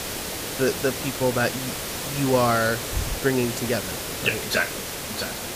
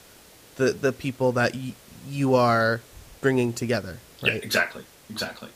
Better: second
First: hiss; loud; throughout; 4 dB below the speech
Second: hiss; faint; throughout; 25 dB below the speech

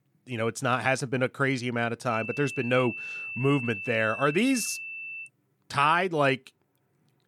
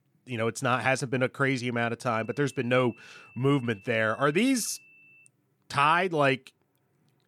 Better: second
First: high-pitched whine; loud; from 2 to 5.5 s; 2.5 kHz, 9 dB below the speech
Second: high-pitched whine; faint; from 2 to 5.5 s; 2.5 kHz, 25 dB below the speech

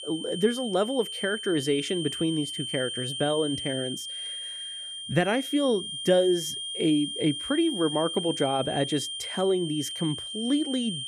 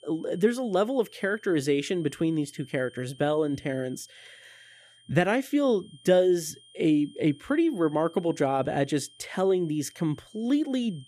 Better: second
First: high-pitched whine; loud; throughout; 3 kHz, 5 dB below the speech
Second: high-pitched whine; faint; throughout; 3 kHz, 25 dB below the speech

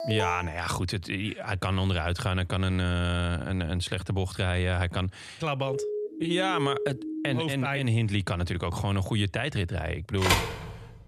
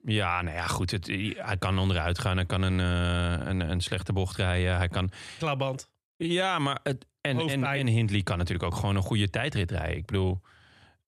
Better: second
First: alarm; noticeable; at the start; peak 3 dB below the speech // siren; noticeable; from 5.5 to 7.5 s; peak 3 dB below the speech // phone ringing; loud; at 10 s; peak 4 dB above the speech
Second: none

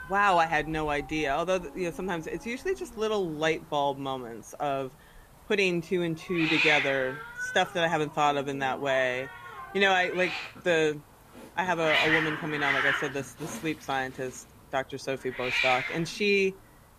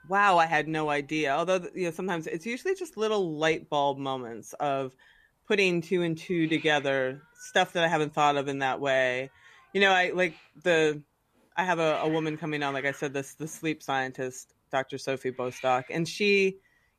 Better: second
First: hiss; loud; throughout; 1 dB below the speech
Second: hiss; faint; throughout; 20 dB below the speech

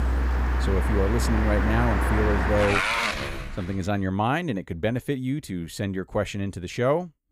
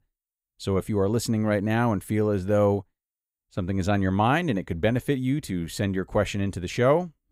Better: second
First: traffic noise; very loud; until 3 s; 2 dB above the speech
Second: none

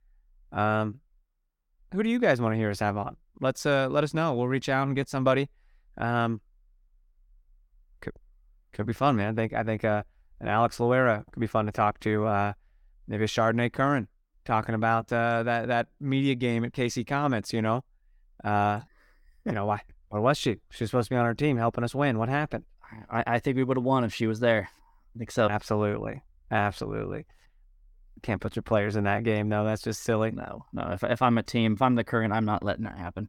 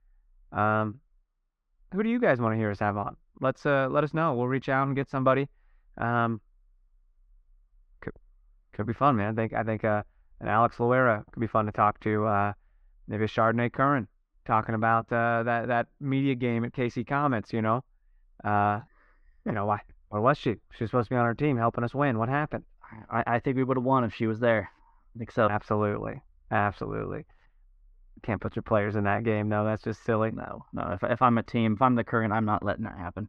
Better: first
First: none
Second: muffled; slightly; fading above 2.5 kHz

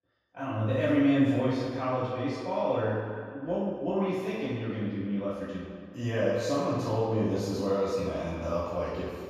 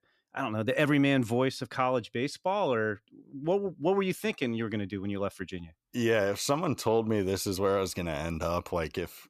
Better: second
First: room echo; strong; dies away in 2 s // off-mic speech; far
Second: none

